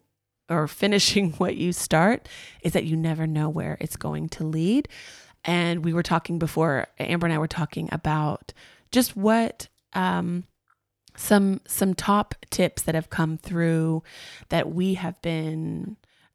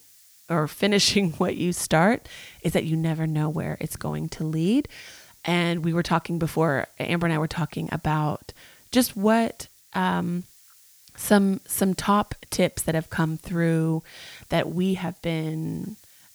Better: first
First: none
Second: hiss; faint; throughout; 25 dB below the speech

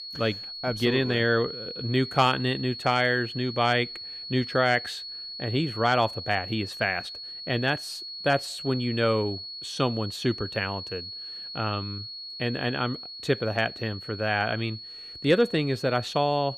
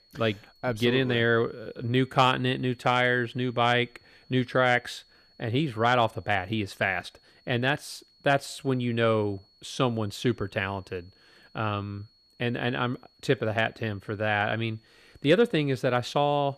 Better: second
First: high-pitched whine; loud; throughout; 4.5 kHz, 9 dB below the speech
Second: high-pitched whine; faint; throughout; 4.5 kHz, 35 dB below the speech

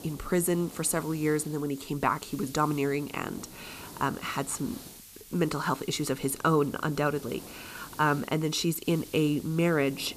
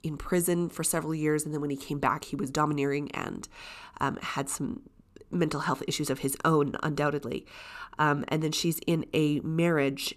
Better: second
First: hiss; noticeable; throughout; 15 dB below the speech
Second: none

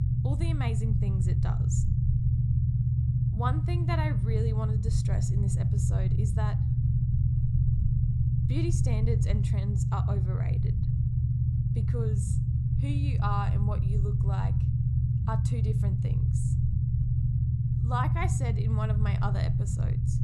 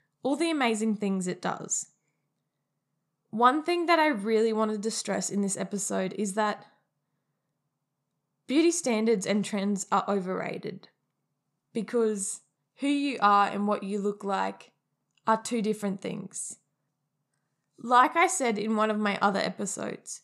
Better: second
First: low rumble; loud; throughout; 2 dB below the speech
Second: none

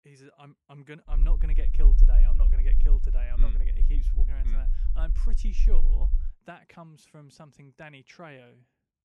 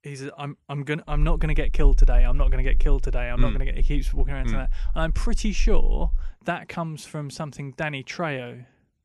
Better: second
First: low rumble; loud; from 1 to 6.5 s; 5 dB below the speech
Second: low rumble; faint; from 1 to 6.5 s; 20 dB below the speech

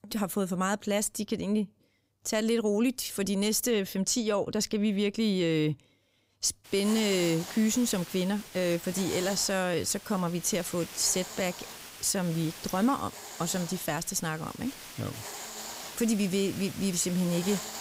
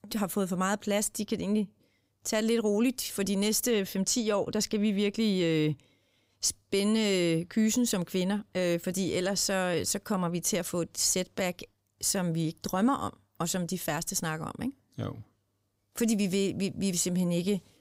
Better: second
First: hiss; noticeable; from 6.5 s on; 10 dB below the speech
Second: none

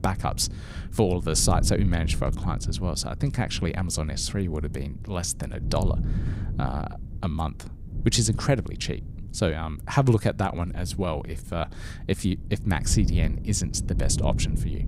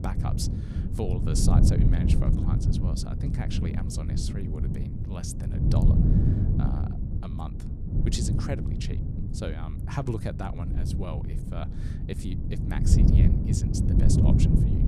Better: first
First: wind noise on the microphone; occasional gusts; 15 dB below the speech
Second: wind noise on the microphone; heavy; 1 dB above the speech

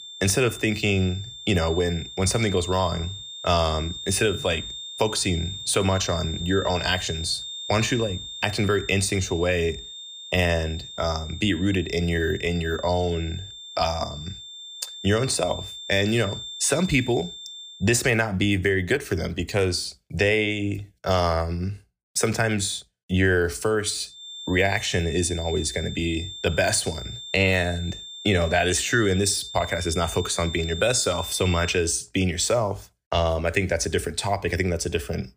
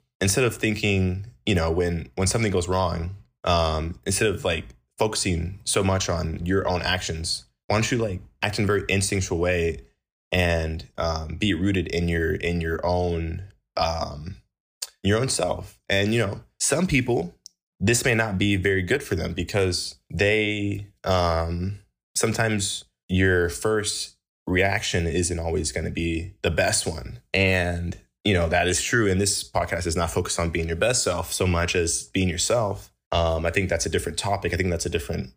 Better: second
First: high-pitched whine; noticeable; until 18 s and from 24 to 32 s; 3.5 kHz, 10 dB below the speech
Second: none

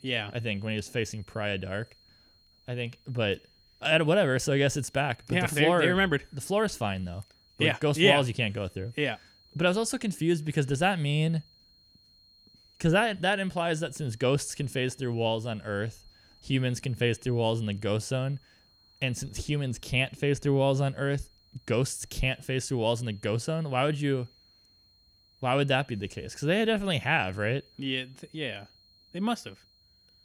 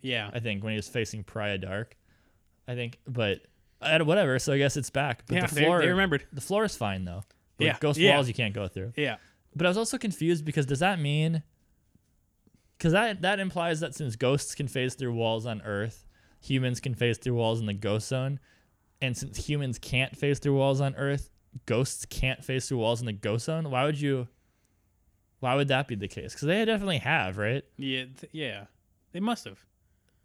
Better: second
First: high-pitched whine; faint; throughout; 4 kHz, 30 dB below the speech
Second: none

